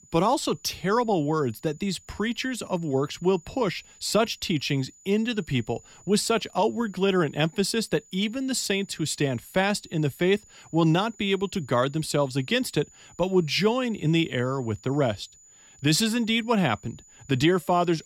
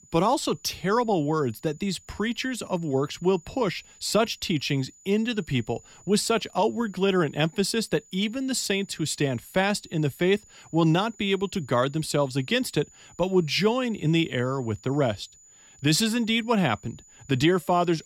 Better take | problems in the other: neither | high-pitched whine; faint; throughout; 7 kHz, 25 dB below the speech; the same in both

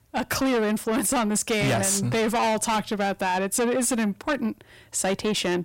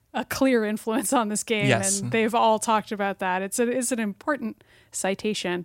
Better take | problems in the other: second | distortion; heavy; 6 dB below the speech

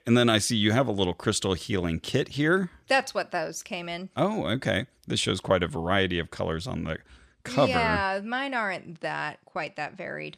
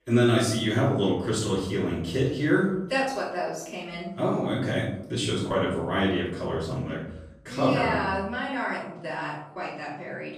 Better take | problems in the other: first | off-mic speech; far // room echo; noticeable; dies away in 0.7 s

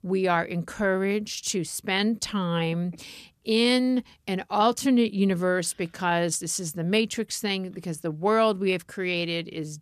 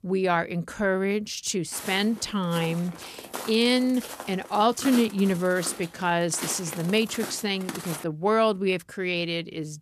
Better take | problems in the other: first | footsteps; noticeable; from 1.5 to 8 s; peak 7 dB below the speech

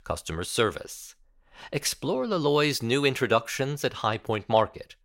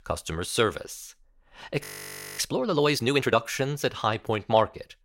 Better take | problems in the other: first | audio freezing; at 2 s for 0.5 s

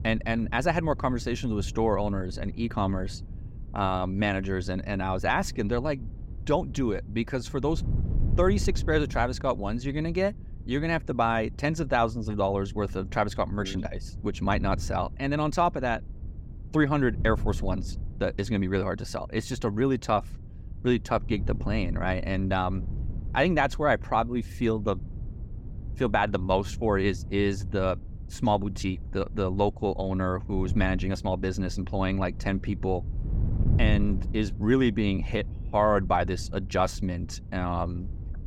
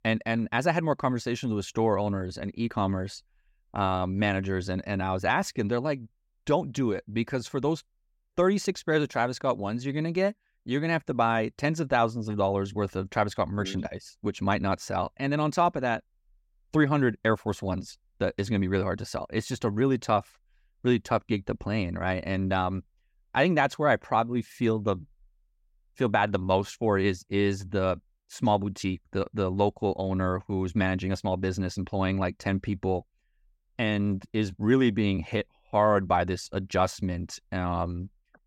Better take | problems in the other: second | wind noise on the microphone; occasional gusts; 20 dB below the speech

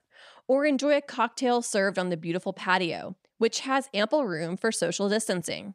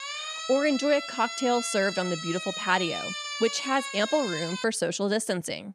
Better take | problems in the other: first | siren; noticeable; until 4.5 s; peak 5 dB below the speech

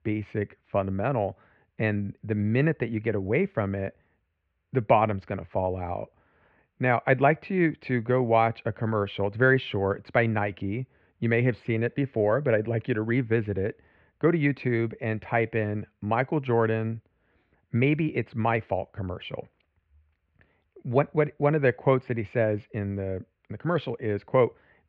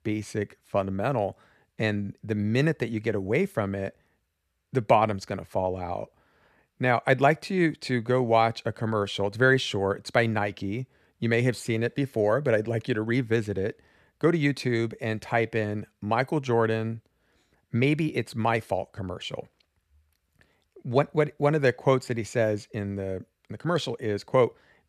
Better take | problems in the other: second | muffled; very; fading above 2.5 kHz

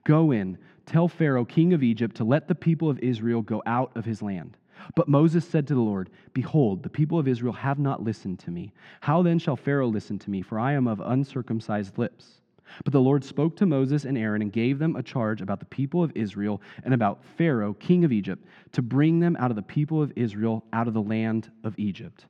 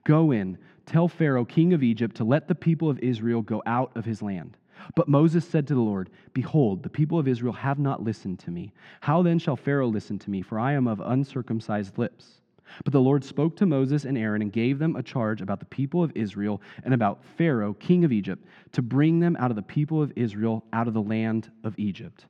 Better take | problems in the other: neither | muffled; slightly; fading above 2.5 kHz; the same in both

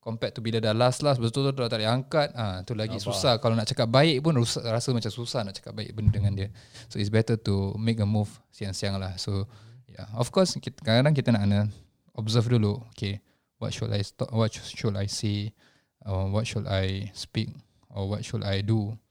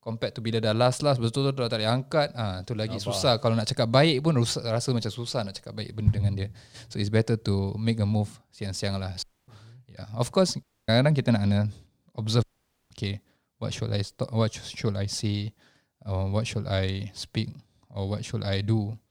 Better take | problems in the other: first | audio cutting out; at 9 s, at 11 s and at 12 s

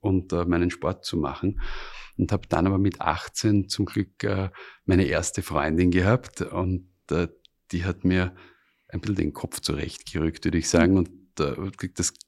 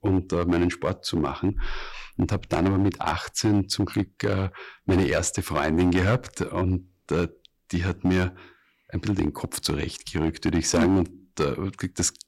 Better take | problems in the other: first | distortion; slight; 5% of the sound clipped

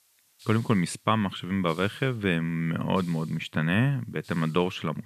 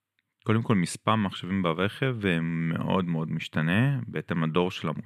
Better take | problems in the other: second | hiss; faint; throughout; 25 dB below the speech

